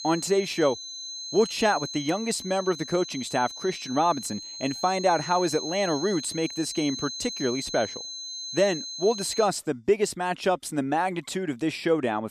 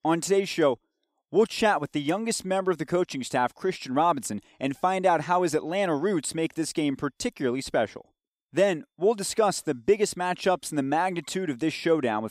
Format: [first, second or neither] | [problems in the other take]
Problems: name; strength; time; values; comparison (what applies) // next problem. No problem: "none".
second | high-pitched whine; loud; until 9.5 s; 4 kHz, 8 dB below the speech